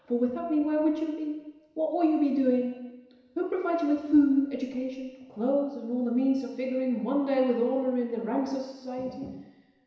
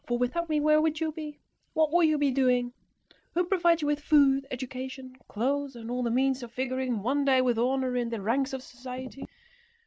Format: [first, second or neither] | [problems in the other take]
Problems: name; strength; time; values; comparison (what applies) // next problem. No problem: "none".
second | room echo; dies away in 1 s